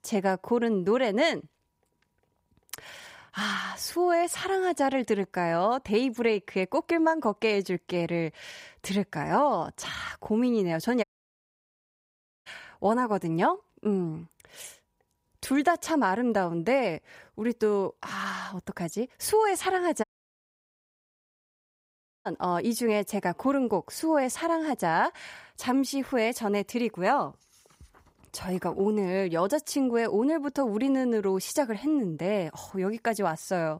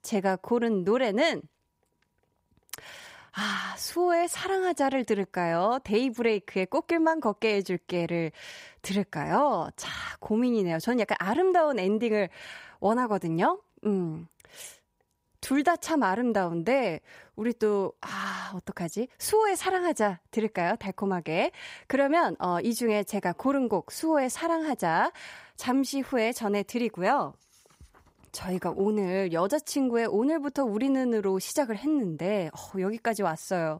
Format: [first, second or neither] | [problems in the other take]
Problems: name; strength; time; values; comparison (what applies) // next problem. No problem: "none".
second | audio cutting out; at 11 s for 1.5 s and at 20 s for 2 s